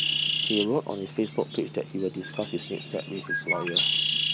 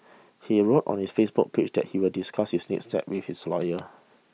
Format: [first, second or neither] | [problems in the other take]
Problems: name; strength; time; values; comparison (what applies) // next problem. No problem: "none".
second | background sound (Bird); 1 dB above the speech